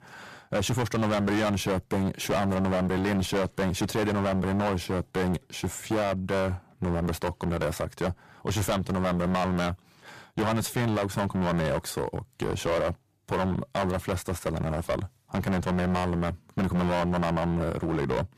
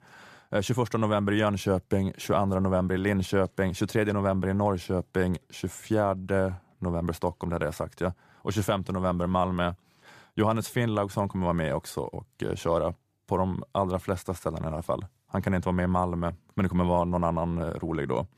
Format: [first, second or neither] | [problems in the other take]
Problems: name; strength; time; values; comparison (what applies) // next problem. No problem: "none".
second | distortion; heavy; 20% of the sound clipped